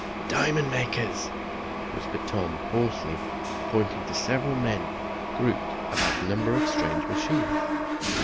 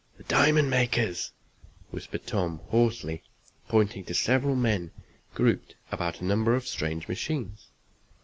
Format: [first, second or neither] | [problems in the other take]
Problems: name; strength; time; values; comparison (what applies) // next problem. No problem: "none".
second | background sound (Mechanisms); as loud as the speech